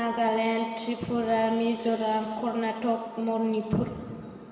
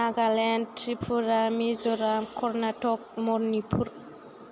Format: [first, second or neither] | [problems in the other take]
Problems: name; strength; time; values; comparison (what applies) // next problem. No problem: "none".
second | room echo; dies away in 2.1 s